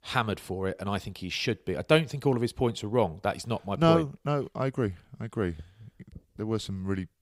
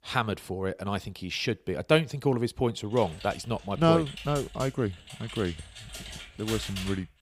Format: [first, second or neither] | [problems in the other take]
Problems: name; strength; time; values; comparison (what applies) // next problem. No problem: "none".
first | keyboard typing; noticeable; from 3 s on; peak 6 dB below the speech